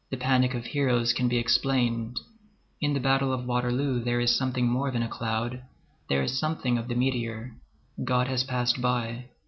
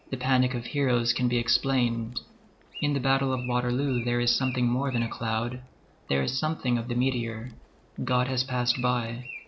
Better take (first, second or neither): first